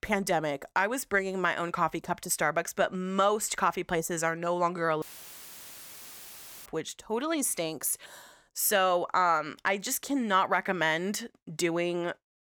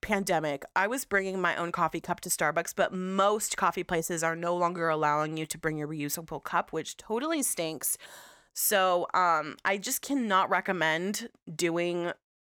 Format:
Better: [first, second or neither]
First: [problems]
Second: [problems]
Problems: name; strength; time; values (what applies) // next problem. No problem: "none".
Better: second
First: audio cutting out; filled with static; at 5 s for 1.5 s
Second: none